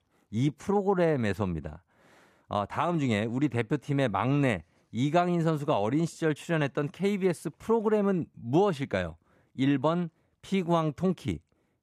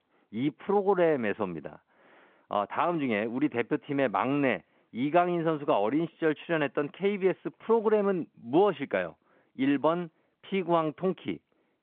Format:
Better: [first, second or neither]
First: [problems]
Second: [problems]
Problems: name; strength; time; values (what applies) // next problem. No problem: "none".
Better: first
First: none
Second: phone-call audio